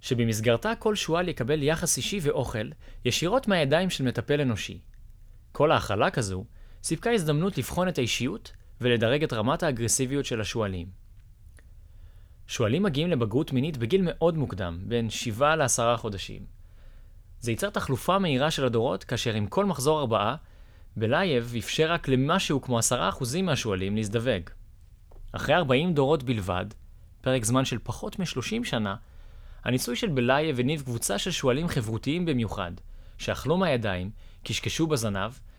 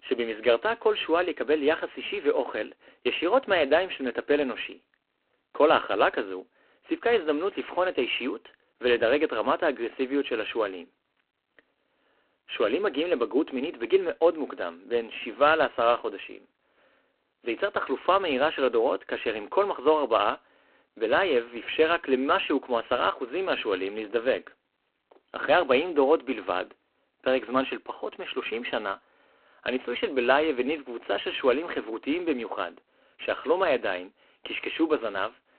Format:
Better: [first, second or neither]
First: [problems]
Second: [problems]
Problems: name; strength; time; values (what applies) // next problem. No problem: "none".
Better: first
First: none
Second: phone-call audio; poor line